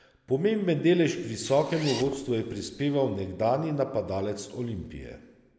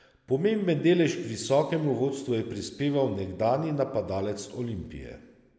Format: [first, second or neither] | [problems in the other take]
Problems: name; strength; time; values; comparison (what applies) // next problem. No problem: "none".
second | background sound (Zipper (clothing)); 14 dB below the speech